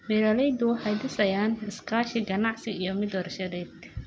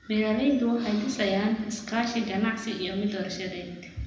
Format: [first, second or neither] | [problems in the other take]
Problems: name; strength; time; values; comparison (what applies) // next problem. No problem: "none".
first | room echo; dies away in 0.9 s